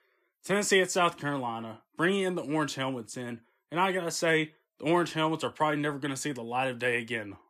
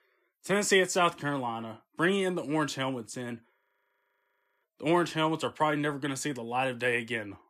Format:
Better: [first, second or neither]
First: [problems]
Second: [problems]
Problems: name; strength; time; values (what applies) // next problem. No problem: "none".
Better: first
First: none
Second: audio freezing; at 3.5 s for 1 s